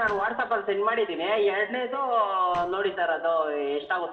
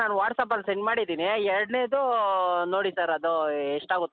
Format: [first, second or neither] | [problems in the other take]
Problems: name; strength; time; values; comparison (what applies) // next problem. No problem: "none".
second | noise reduction (neural separator model SepFormer DNS4)